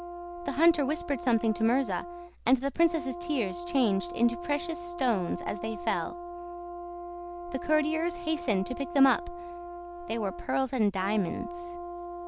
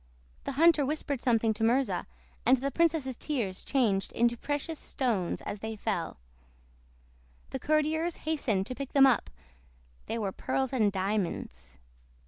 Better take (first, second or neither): second